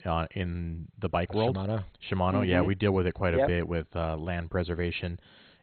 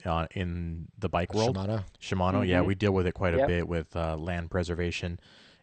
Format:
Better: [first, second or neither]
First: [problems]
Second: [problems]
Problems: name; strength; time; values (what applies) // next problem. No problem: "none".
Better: second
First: garbled, watery; badly; nothing above 4 kHz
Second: garbled, watery; slightly; nothing above 8 kHz